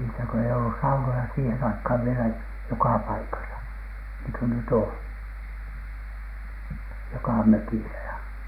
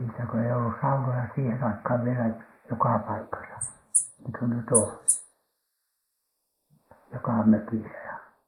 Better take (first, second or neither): first